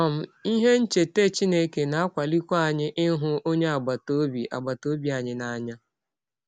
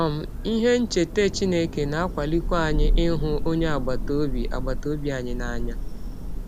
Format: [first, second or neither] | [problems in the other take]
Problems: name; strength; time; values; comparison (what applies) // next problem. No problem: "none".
first | background sound (Thunder / Rain); 1 dB below the speech